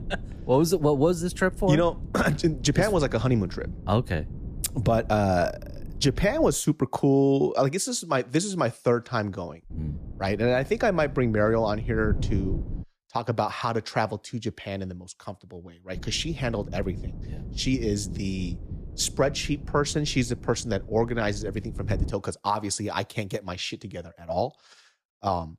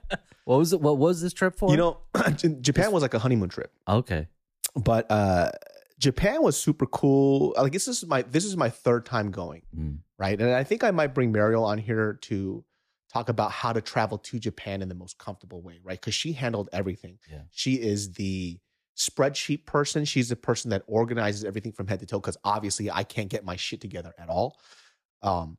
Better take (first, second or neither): second